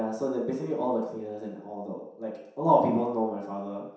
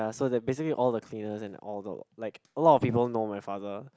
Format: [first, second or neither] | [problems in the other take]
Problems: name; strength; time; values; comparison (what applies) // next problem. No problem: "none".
second | room echo; dies away in 0.7 s